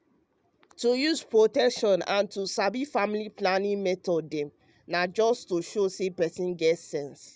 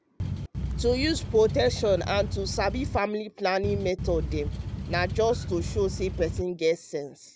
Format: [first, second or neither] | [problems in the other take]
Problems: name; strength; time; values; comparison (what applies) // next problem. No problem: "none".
first | background sound (Boat, Water vehicle); 4 dB below the speech